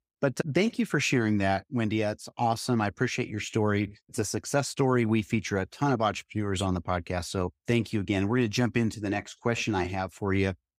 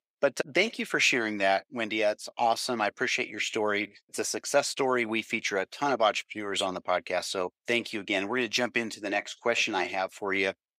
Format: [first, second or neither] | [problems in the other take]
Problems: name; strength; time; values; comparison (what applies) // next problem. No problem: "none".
first | thin; somewhat; fading below 400 Hz